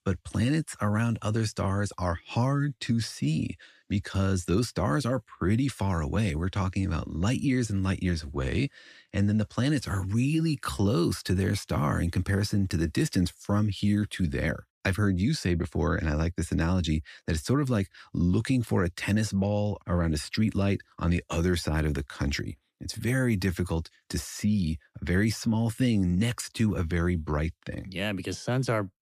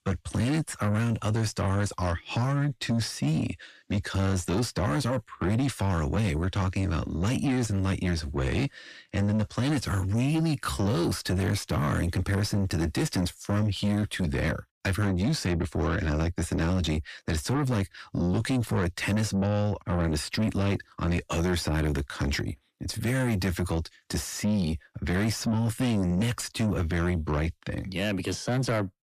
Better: first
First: none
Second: distortion; slight; 9 dB below the speech

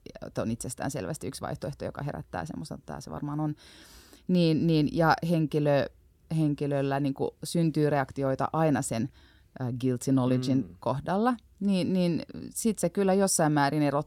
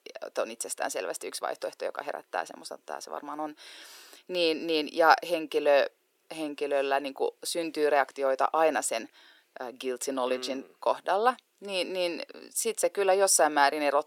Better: first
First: none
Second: thin; very; fading below 400 Hz

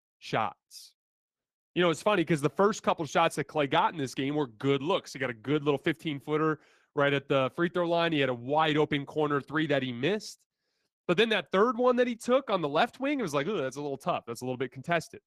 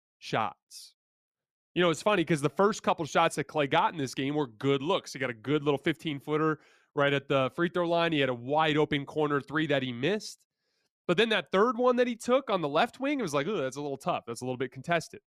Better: second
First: garbled, watery; slightly; nothing above 14.5 kHz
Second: none

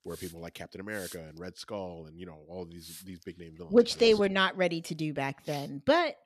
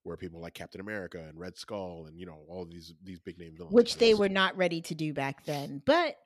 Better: second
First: hiss; noticeable; until 1.5 s and from 3 to 5 s; 20 dB below the speech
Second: none

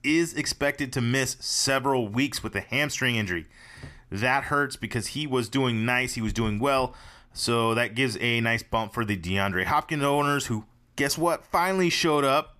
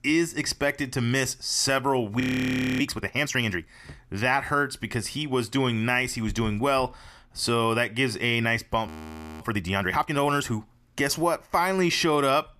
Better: first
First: none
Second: audio freezing; at 2 s for 0.5 s and at 9 s for 0.5 s

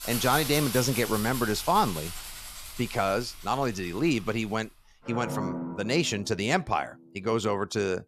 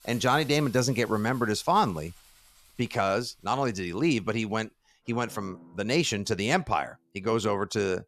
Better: second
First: background music; loud; throughout; 8 dB below the speech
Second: background music; faint; throughout; 25 dB below the speech

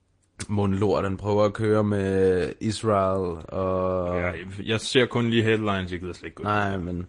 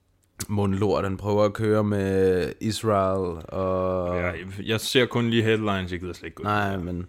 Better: second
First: garbled, watery; slightly; nothing above 8.5 kHz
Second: none

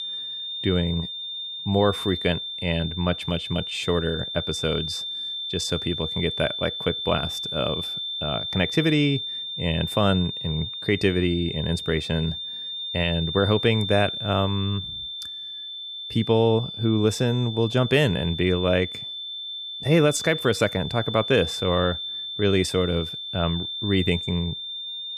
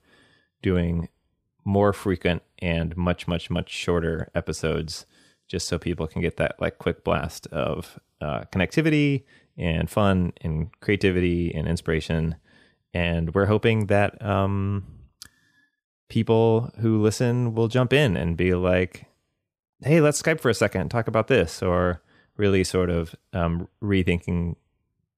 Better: second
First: high-pitched whine; loud; throughout; 3.5 kHz, 5 dB below the speech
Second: none

